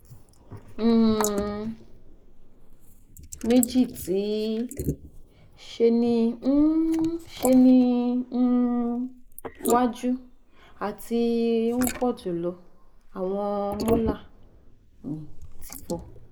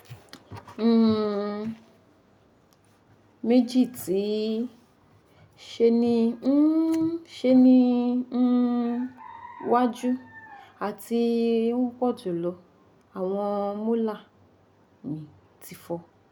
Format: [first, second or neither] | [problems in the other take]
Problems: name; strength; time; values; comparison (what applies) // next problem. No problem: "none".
second | noise reduction (neural mask model Resemble Enhance denoiser)